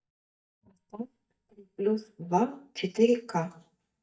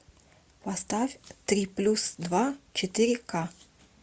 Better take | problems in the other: second | noise reduction (neural mask model DeepFilterNet 3)

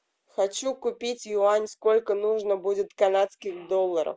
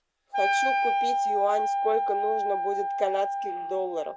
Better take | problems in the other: first | background sound (Wind instrument, woodwind instrument); 3 dB above the speech

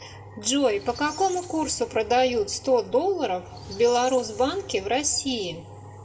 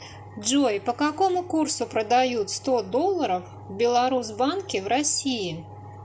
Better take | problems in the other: second | background sound (Squeak); 19 dB below the speech // room echo; dies away in 0.3 s

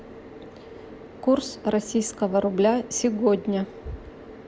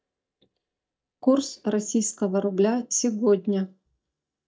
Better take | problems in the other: first | noise reduction (neural mask model DeepFilterNet 3)

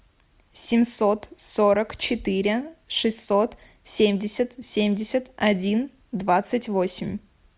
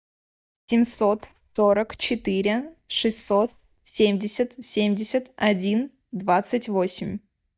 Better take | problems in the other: first | noise reduction (neural mask model DeepFilterNet 3)

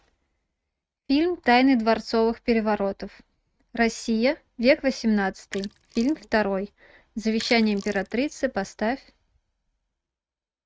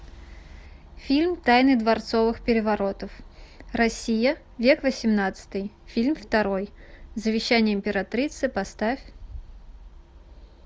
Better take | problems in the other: second | noise reduction (neural mask model RNNoise)

